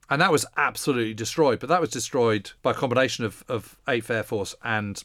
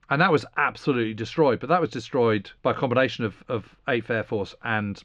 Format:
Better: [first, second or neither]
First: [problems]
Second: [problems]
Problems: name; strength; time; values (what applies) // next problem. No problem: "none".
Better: first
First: none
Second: muffled; slightly; fading above 3.5 kHz